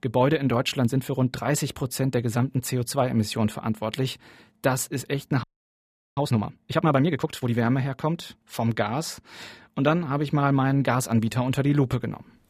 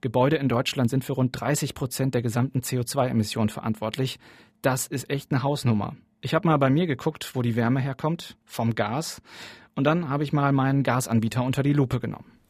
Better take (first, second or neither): second